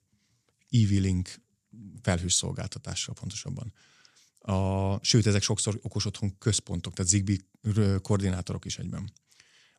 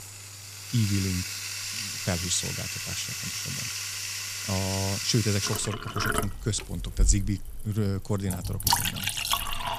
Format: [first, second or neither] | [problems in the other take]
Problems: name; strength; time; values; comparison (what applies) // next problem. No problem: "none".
first | household noises; very loud; throughout; as loud as the speech